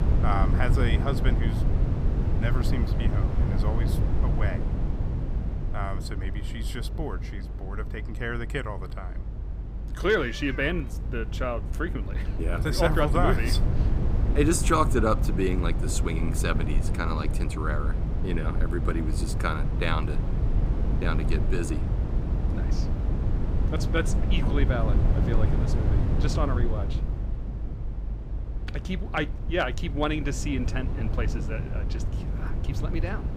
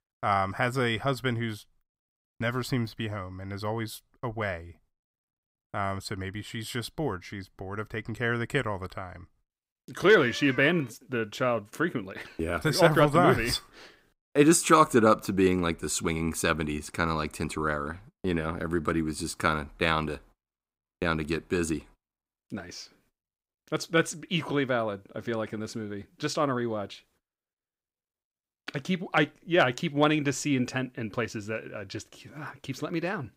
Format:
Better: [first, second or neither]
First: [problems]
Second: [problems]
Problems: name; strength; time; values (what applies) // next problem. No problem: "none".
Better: second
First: low rumble; loud; throughout; 9 dB below the speech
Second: none